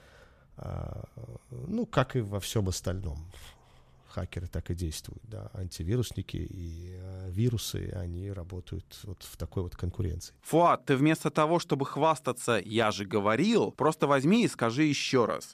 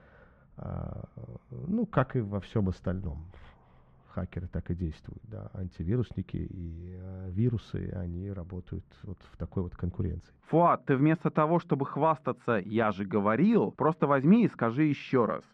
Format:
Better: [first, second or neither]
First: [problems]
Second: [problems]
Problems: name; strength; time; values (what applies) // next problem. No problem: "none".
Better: first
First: none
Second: muffled; very; fading above 1.5 kHz